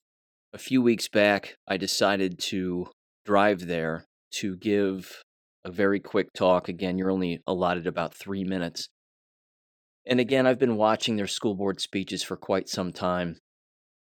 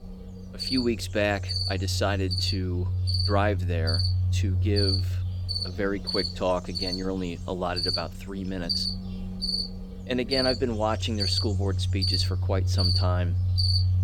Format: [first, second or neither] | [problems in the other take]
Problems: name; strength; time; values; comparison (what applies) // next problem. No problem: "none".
first | animal sounds; very loud; throughout; 3 dB above the speech